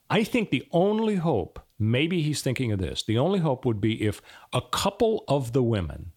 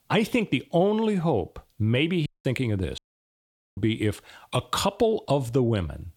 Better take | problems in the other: first | audio cutting out; at 2.5 s and at 3 s for 1 s

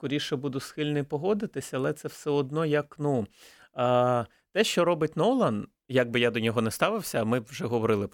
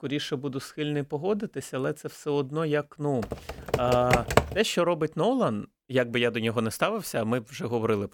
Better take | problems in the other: first | keyboard typing; loud; from 3 to 4.5 s; peak 4 dB above the speech

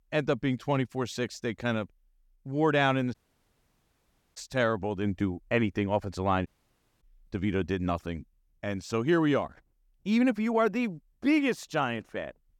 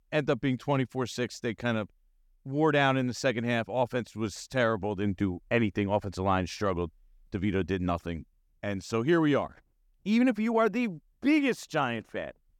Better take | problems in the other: second | audio cutting out; at 3 s for 1 s and at 6.5 s for 0.5 s

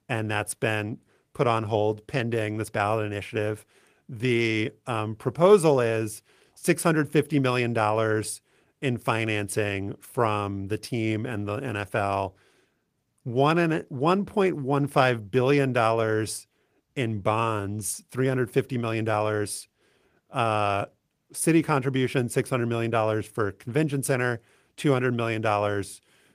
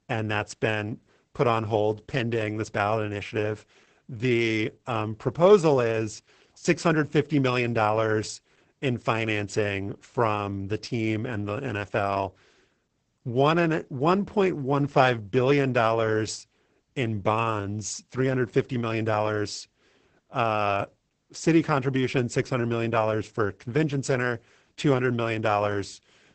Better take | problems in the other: first | garbled, watery; badly; nothing above 8 kHz; slightly in the first

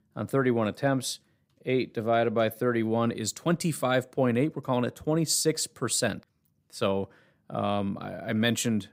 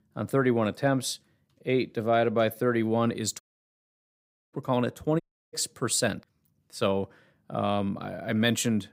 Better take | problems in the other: first | audio cutting out; at 3.5 s for 1 s and at 5 s

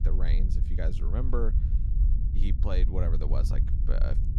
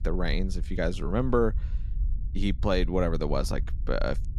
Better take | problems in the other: second | low rumble; loud; throughout; 7 dB below the speech; faint in the second

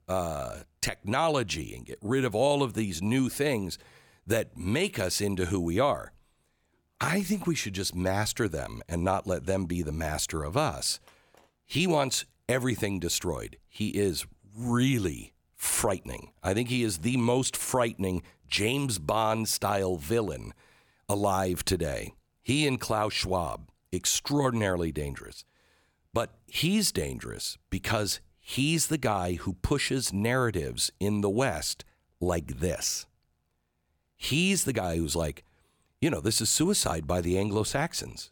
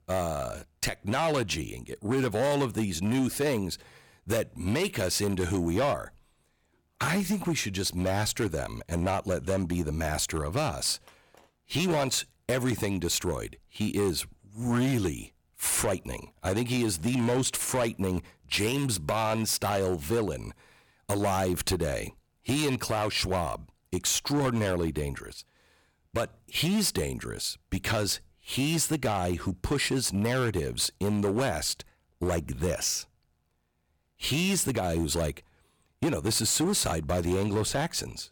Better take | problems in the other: first | distortion; slight; 9% of the sound clipped

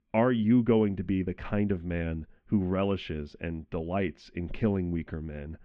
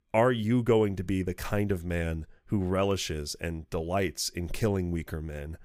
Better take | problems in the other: second | muffled; very; fading above 3 kHz

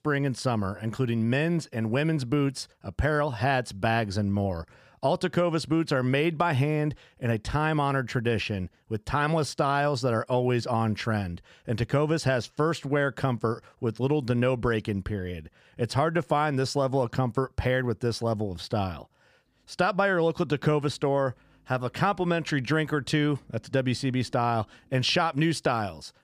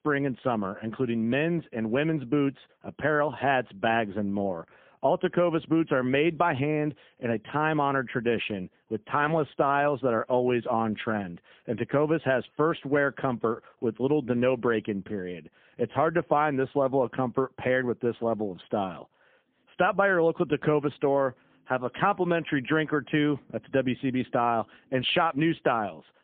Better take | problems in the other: first | phone-call audio; poor line; nothing above 3 kHz

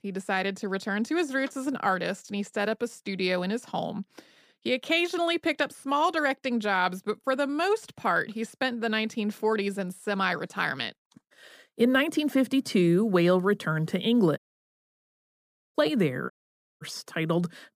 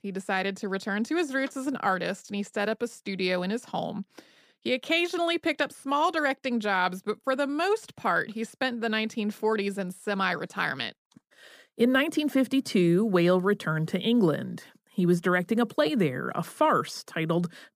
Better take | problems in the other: second | audio cutting out; at 14 s for 1.5 s and at 16 s for 0.5 s

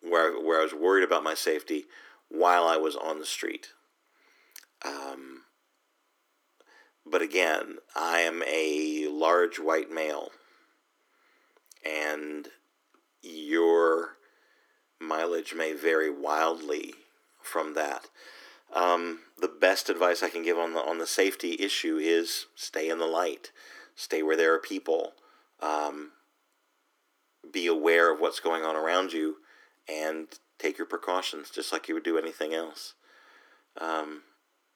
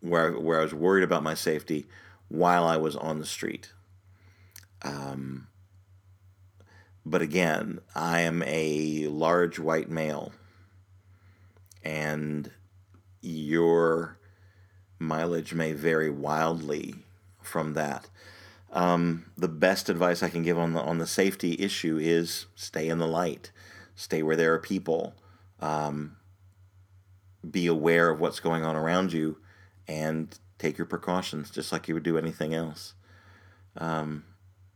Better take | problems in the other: second | thin; somewhat; fading below 300 Hz

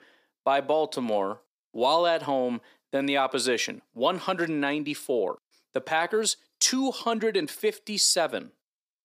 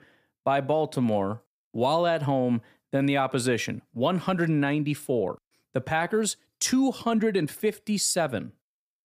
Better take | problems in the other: second | thin; very slightly; fading below 350 Hz

